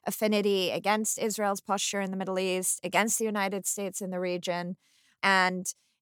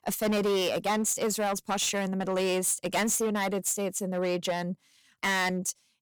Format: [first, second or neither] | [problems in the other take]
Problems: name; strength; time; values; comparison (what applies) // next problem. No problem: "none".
first | distortion; heavy; 12% of the sound clipped